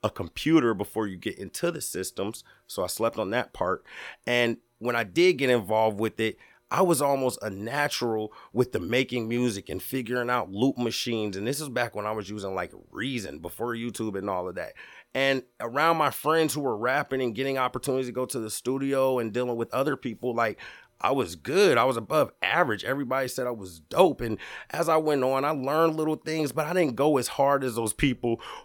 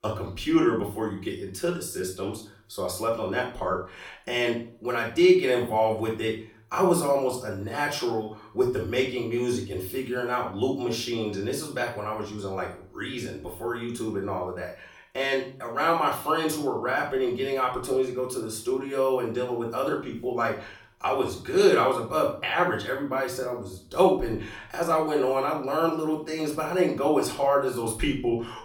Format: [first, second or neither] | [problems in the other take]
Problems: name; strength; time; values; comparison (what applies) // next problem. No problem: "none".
first | off-mic speech; far // room echo; slight; dies away in 0.4 s